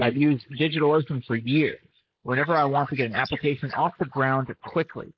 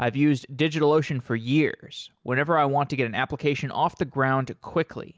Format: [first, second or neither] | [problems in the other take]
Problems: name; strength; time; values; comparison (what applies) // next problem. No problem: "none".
second | noise reduction (neural mask model Resemble Enhance denoiser)